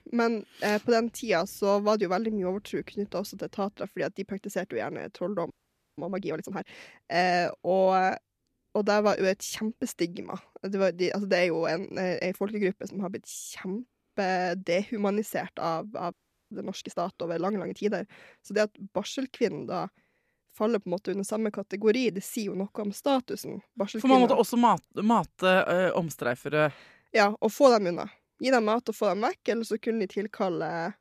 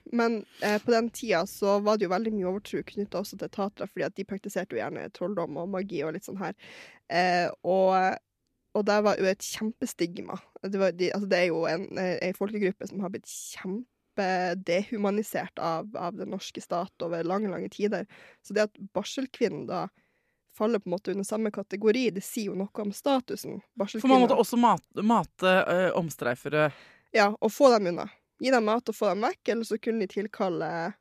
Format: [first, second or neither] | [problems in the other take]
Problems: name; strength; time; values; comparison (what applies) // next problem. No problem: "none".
second | audio freezing; at 5.5 s and at 16 s